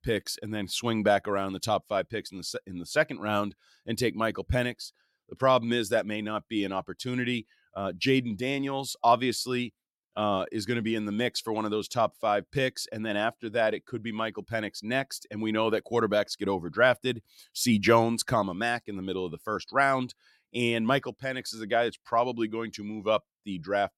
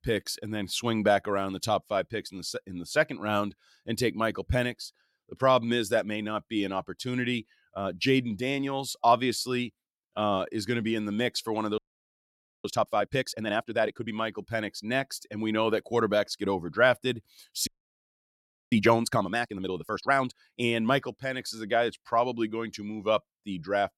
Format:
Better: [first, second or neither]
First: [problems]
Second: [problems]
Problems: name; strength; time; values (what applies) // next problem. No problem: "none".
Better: first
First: none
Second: audio freezing; at 12 s for 1 s and at 18 s for 1 s